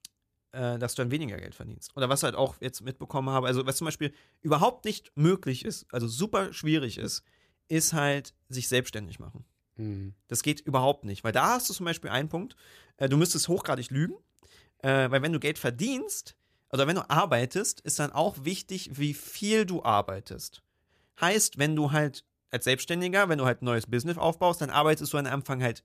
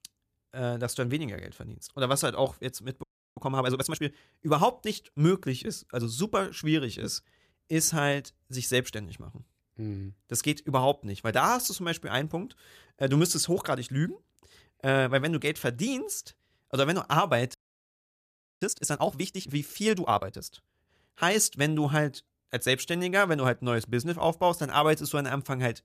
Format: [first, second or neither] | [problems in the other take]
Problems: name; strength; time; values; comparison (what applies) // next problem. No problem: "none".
first | audio freezing; at 3 s and at 18 s for 1 s